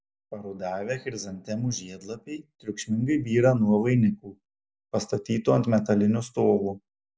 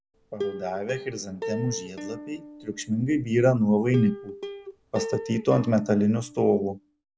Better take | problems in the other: first | background sound (Plucked string instrument); 11 dB below the speech

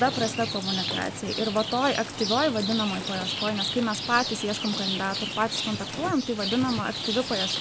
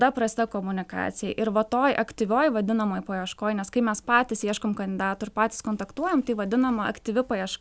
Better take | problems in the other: second | background sound (Rain); 4 dB below the speech

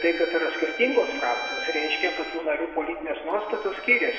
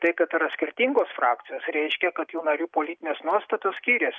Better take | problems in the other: second | background sound (Bowed string instrument); 11 dB below the speech // room echo; dies away in 2 s

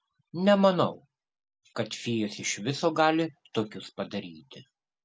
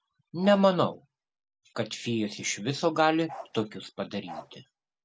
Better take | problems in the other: first | background sound (Bark); 16 dB below the speech

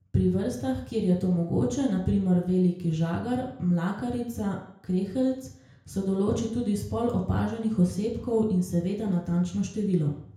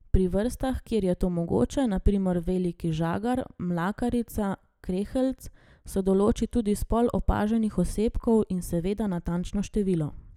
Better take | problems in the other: second | room echo; dies away in 0.5 s

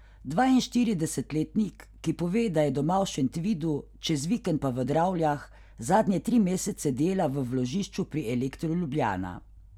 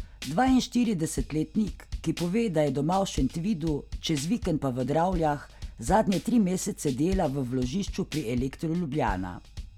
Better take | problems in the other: first | background sound (Drum kit); 13 dB below the speech

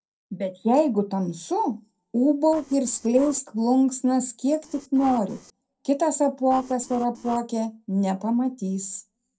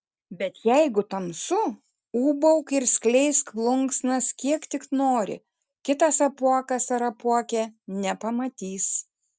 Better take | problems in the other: second | noise reduction (neural separator model SepFormer DNS4)

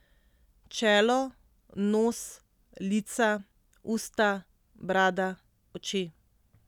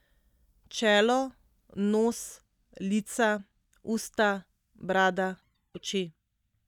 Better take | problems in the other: first | noise reduction (neural mask model DeepFilterNet 3)

